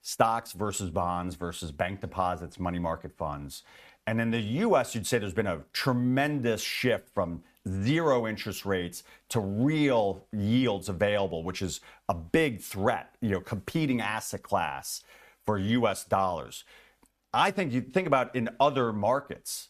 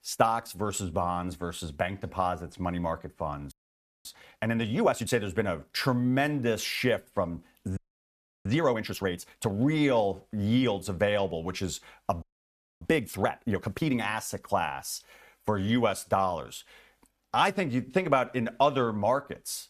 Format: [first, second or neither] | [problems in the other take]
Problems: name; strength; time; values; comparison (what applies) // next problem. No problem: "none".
first | audio freezing; at 3.5 s for 0.5 s, at 8 s for 0.5 s and at 12 s for 0.5 s